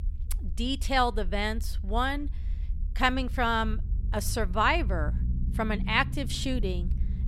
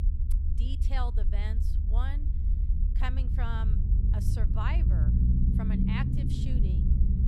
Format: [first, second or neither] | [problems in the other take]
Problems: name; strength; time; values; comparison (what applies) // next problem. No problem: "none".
first | low rumble; loud; throughout; 2 dB below the speech; faint in the first